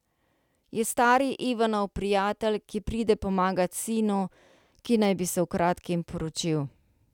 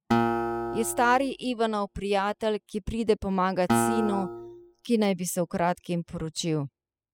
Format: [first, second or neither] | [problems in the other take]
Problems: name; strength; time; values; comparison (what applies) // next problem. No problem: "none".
first | noise reduction (classical method spectral subtraction)